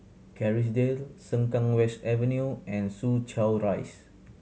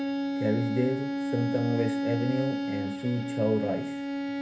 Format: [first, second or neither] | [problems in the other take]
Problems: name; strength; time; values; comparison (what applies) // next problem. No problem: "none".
first | background sound (Bowed string instrument); 1 dB below the speech // room echo; dies away in 0.3 s